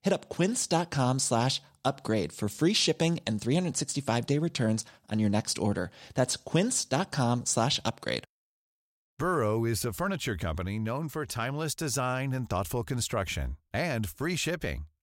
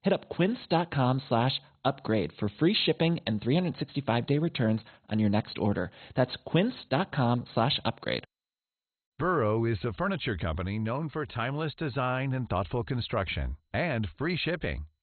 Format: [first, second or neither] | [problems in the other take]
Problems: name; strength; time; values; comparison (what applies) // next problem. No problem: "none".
first | garbled, watery; badly; nothing above 4 kHz